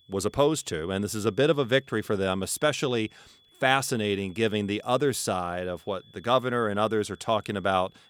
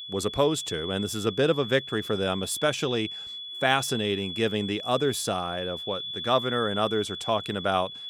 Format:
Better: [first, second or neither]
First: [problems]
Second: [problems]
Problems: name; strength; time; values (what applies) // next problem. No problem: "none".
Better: first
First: high-pitched whine; faint; throughout; 3.5 kHz, 30 dB below the speech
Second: high-pitched whine; loud; throughout; 3.5 kHz, 7 dB below the speech